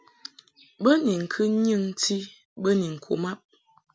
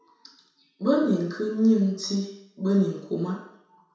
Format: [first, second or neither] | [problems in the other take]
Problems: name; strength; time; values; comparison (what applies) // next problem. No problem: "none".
first | room echo; dies away in 0.7 s